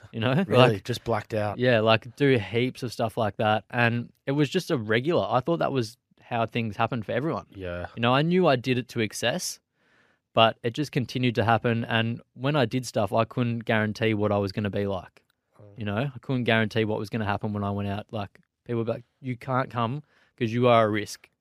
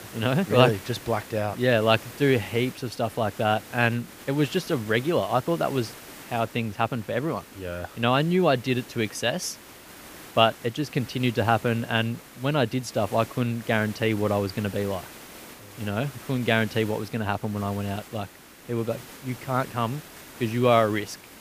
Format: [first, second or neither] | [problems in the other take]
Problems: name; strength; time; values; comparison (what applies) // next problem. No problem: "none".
first | hiss; noticeable; throughout; 15 dB below the speech